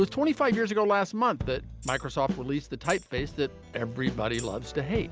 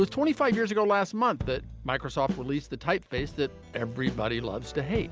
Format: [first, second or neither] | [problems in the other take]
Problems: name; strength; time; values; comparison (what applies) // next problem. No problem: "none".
second | background sound (Tambourine); 19 dB below the speech